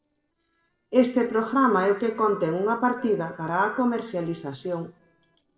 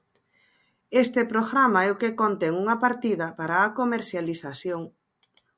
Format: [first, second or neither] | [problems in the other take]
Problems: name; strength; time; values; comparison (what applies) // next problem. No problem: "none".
second | noise reduction (neural separator model SepFormer DNS4)